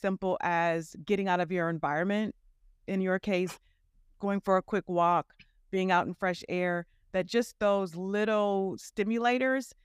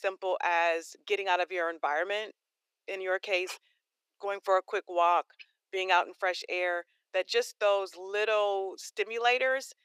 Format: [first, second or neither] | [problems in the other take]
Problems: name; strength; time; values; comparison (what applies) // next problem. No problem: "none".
first | thin; very; fading below 400 Hz